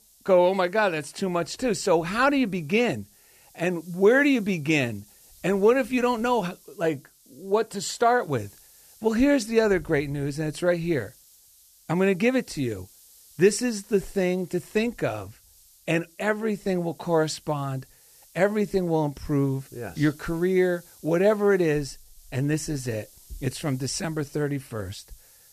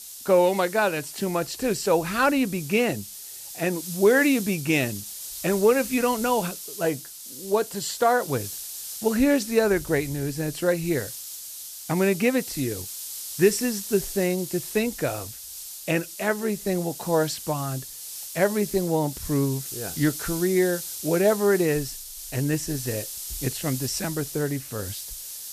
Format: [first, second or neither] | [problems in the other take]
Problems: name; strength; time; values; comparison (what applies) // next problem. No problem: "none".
first | hiss; loud; throughout; 10 dB below the speech; faint in the first